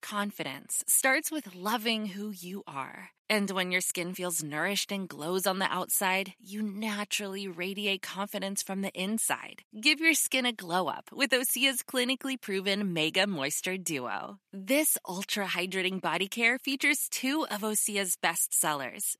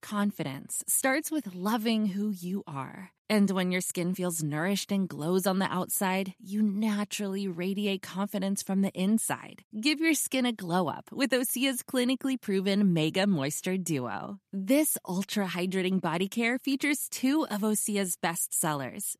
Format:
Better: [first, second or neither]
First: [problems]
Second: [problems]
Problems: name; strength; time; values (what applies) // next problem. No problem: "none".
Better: second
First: thin; very slightly; fading below 600 Hz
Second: none